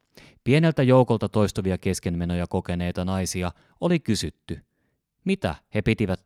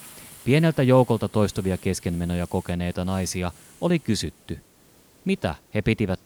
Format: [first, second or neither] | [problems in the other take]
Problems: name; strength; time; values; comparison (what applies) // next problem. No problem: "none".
first | hiss; faint; throughout; 25 dB below the speech